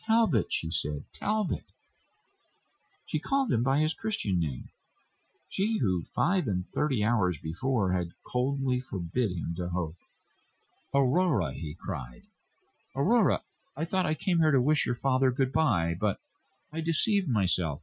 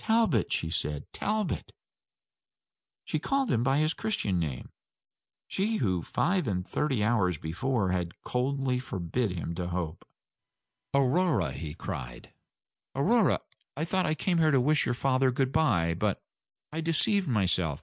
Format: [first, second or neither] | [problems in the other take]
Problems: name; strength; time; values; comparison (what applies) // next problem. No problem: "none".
second | noise reduction (classical method Wiener filter)